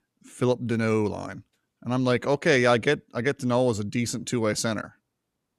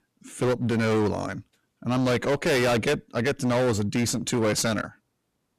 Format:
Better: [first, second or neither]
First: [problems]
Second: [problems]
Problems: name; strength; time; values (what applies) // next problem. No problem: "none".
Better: first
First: none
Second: distortion; heavy; 21% of the sound clipped